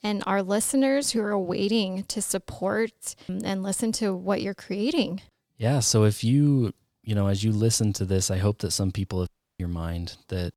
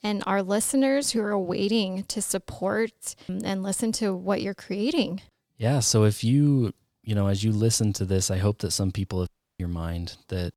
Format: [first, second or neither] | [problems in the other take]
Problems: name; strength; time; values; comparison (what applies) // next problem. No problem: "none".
neither | audio cutting out; at 9.5 s; the same in both